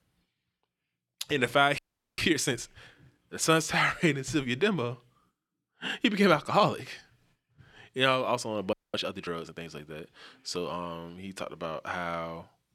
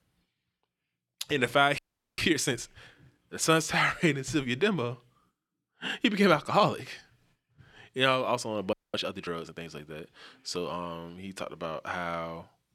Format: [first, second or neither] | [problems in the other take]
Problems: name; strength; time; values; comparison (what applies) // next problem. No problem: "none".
neither | audio freezing; at 2 s and at 8.5 s; the same in both